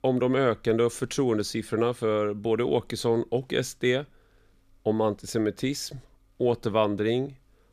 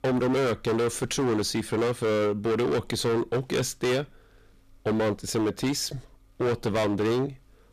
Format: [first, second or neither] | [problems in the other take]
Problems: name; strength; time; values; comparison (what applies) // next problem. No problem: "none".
first | distortion; heavy; 22% of the sound clipped